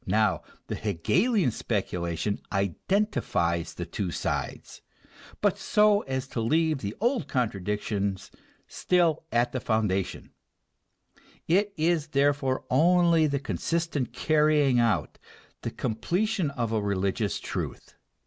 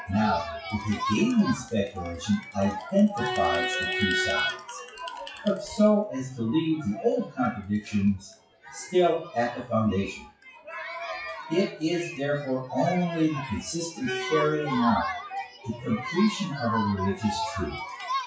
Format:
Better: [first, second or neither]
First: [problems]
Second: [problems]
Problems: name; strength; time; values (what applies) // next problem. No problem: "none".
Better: first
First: none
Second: noise reduction (classical method WPE with log-MMSE)